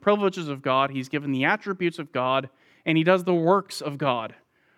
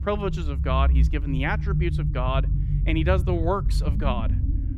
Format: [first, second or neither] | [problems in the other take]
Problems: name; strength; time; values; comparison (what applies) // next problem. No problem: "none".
first | low rumble; noticeable; throughout; 10 dB below the speech